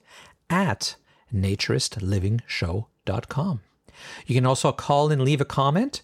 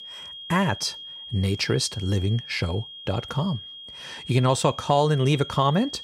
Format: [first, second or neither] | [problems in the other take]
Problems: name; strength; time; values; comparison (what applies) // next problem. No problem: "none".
first | high-pitched whine; noticeable; throughout; 3.5 kHz, 15 dB below the speech